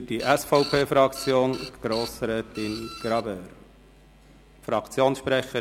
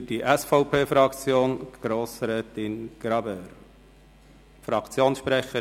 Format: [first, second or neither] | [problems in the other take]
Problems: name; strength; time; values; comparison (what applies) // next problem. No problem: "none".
second | background sound (Printer); 14 dB below the speech